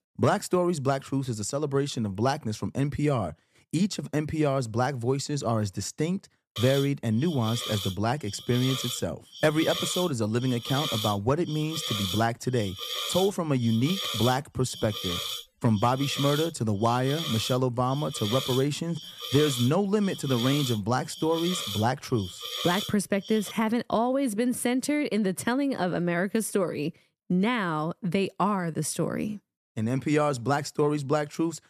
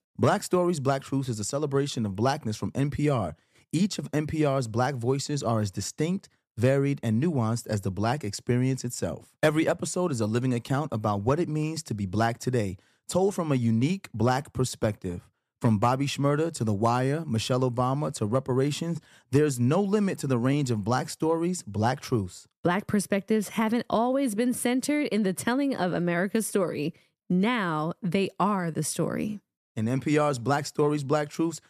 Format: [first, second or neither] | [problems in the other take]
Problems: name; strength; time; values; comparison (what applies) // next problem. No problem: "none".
second | hiss; loud; from 6.5 to 24 s; 6 dB below the speech